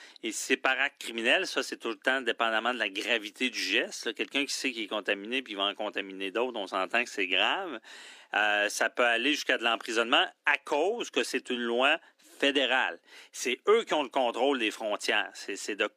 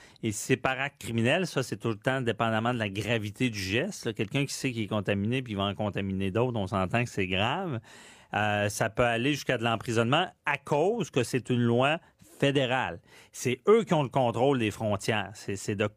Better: second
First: thin; somewhat; fading below 250 Hz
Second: none

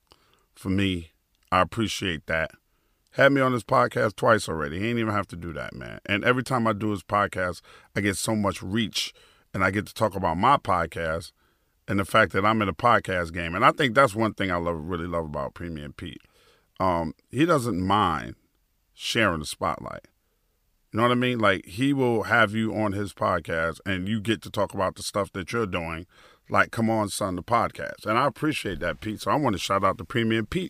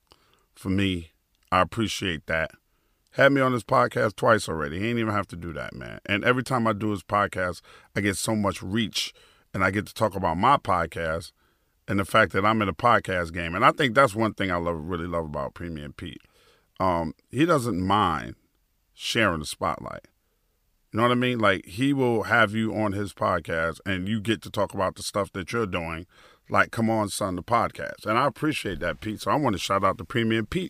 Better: neither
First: none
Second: none

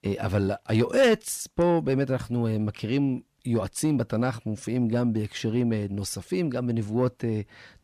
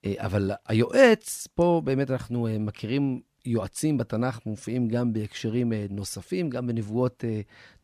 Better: second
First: distortion; slight; 10 dB below the speech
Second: none

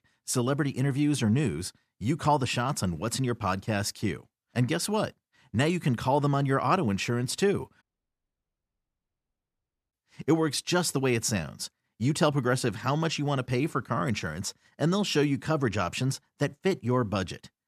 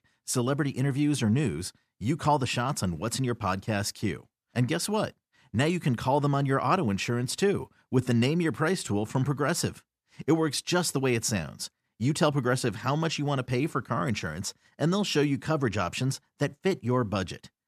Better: second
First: audio cutting out; at 8 s for 2 s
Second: none

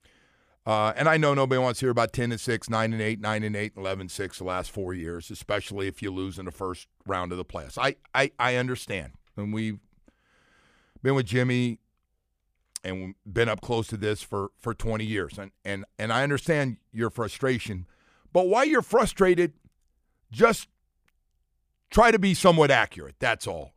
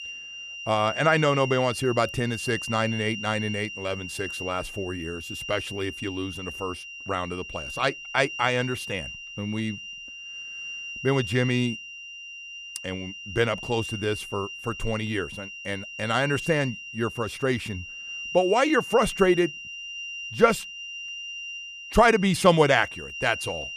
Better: first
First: none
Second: high-pitched whine; loud; throughout; 3 kHz, 9 dB below the speech

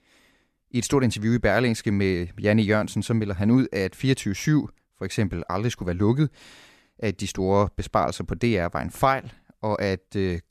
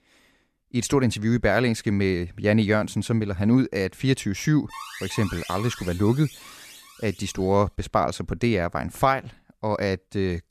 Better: first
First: none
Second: alarm; faint; from 4.5 to 7.5 s; peak 10 dB below the speech

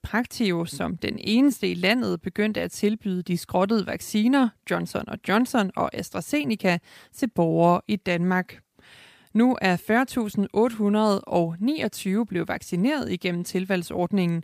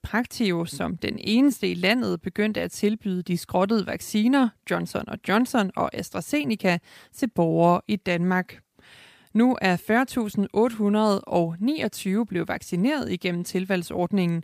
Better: neither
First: none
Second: none

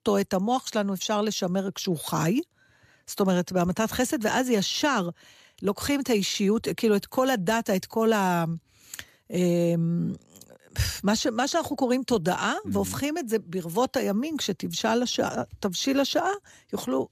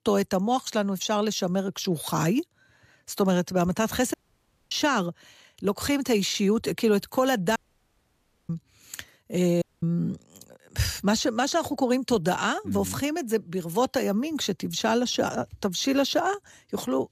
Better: first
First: none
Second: audio cutting out; at 4 s for 0.5 s, at 7.5 s for 1 s and at 9.5 s

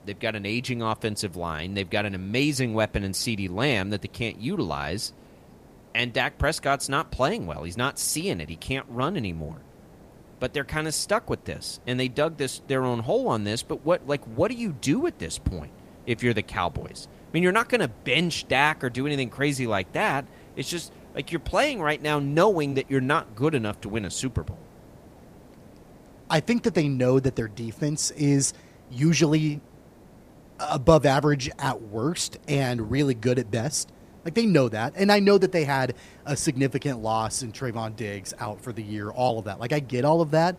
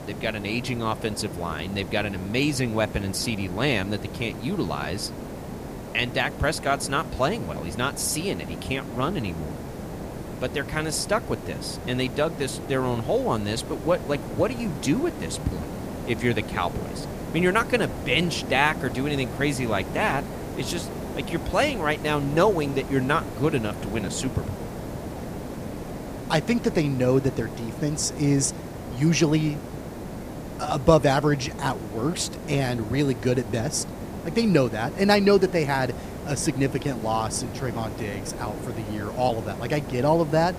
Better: first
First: hiss; faint; throughout; 25 dB below the speech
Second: hiss; loud; throughout; 9 dB below the speech

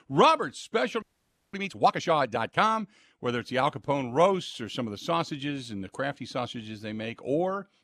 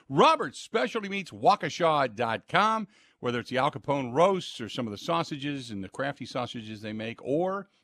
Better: second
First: audio freezing; at 1 s for 0.5 s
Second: none

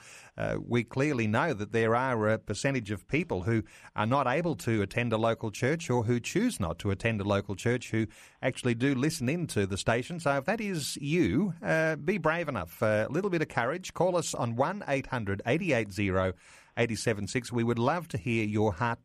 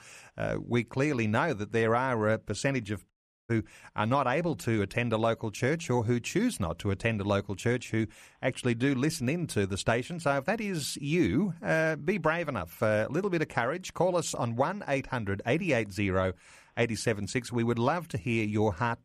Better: first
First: none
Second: audio cutting out; at 3 s

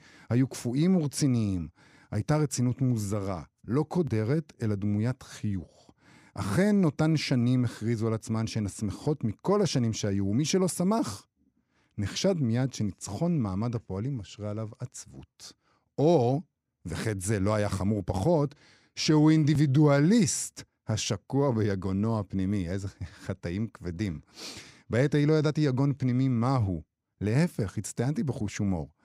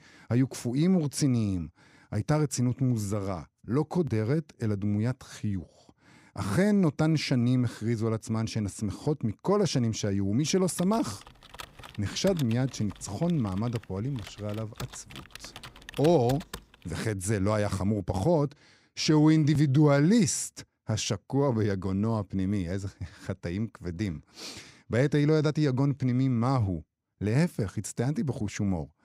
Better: first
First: none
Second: keyboard typing; faint; from 10 to 17 s; peak 15 dB below the speech

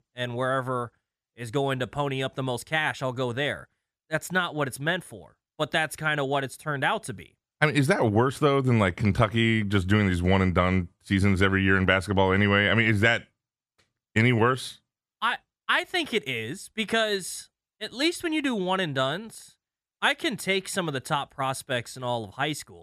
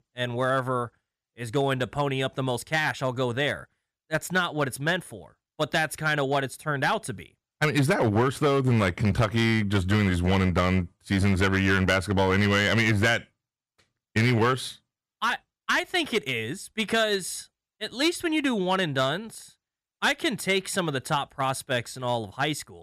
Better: first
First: none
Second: distortion; slight; 4% of the sound clipped

